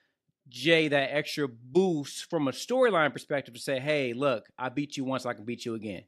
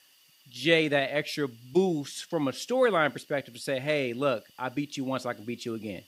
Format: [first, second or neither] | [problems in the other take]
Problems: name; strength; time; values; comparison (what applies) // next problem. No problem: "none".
first | hiss; faint; throughout; 30 dB below the speech